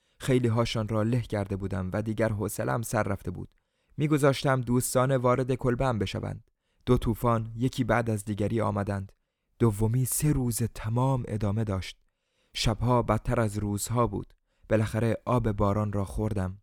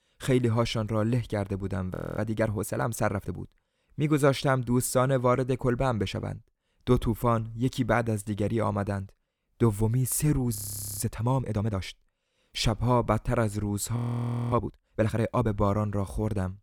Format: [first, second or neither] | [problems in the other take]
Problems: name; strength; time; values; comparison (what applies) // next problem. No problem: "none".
first | audio freezing; at 2 s, at 11 s and at 14 s for 0.5 s